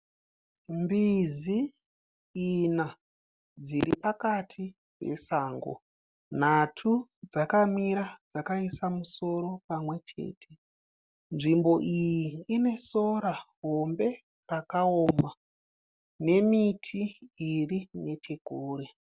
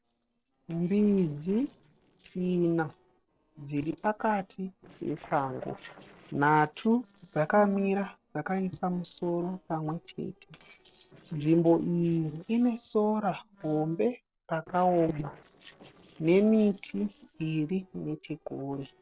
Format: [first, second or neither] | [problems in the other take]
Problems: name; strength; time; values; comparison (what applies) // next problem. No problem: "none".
first | noise reduction (neural separator model SepFormer DNS4)